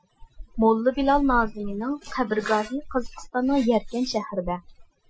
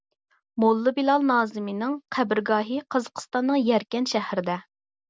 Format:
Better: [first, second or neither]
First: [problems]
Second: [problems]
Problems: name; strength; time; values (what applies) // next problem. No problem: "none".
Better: second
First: noise reduction (classical method Wiener filter)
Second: none